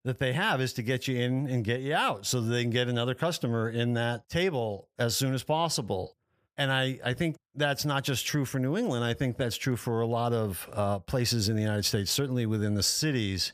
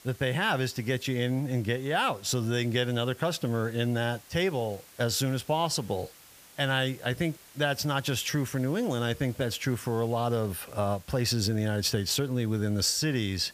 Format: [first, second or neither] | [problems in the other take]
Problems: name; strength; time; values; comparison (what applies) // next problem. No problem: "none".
first | hiss; faint; throughout; 25 dB below the speech